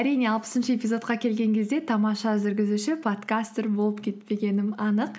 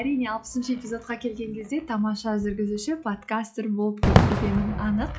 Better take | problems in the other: first | noise reduction (classical method log-MMSE)

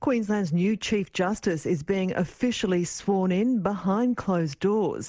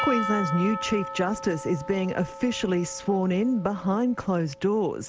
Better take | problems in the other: first | background sound (Percussion); 9 dB below the speech

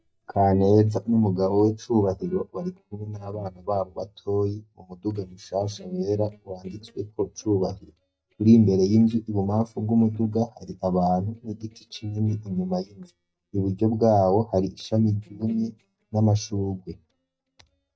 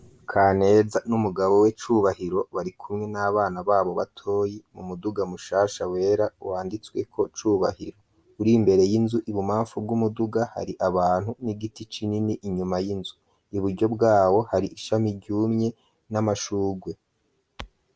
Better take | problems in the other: second | noise reduction (neural mask model DeepFilterNet 3)

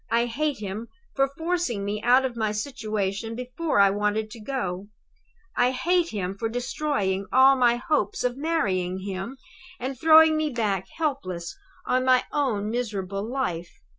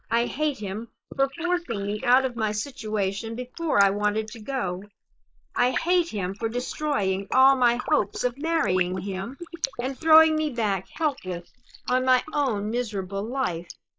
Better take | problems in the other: first | noise reduction (neural mask model Resemble Enhance denoiser)

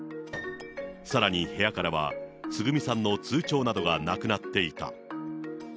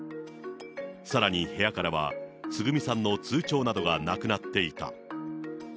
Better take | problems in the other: second | background sound (Piano); 18 dB below the speech

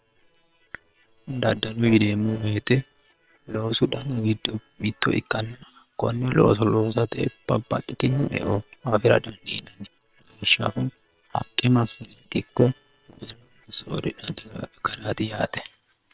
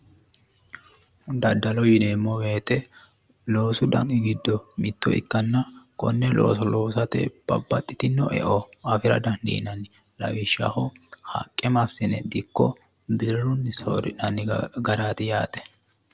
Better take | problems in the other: second | noise reduction (neural separator model SepFormer WHAM!)

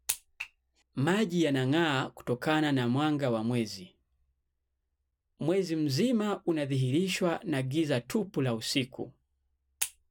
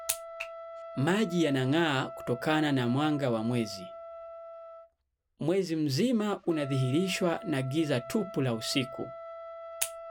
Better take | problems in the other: first | background sound (Trumpet); 14 dB below the speech

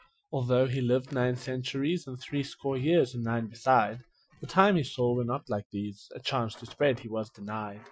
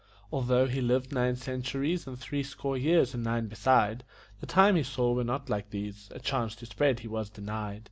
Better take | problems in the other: second | noise reduction (classical method Wiener filter)

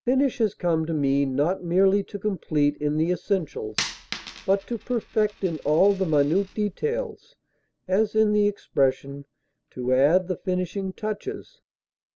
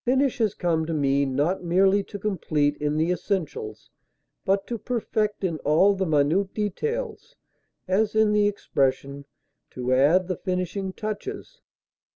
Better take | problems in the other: second | background sound (Coin (dropping)); 14 dB below the speech

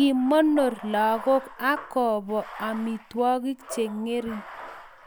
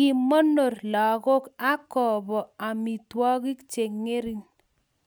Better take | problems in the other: second | background sound (Bathtub (filling or washing)); 17 dB below the speech

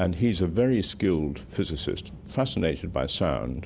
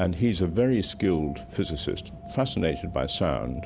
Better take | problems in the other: first | background sound (Wind); 19 dB below the speech

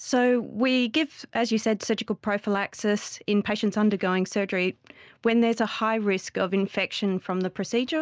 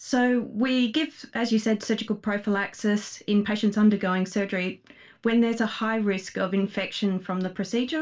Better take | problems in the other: first | room echo; dies away in 0.2 s

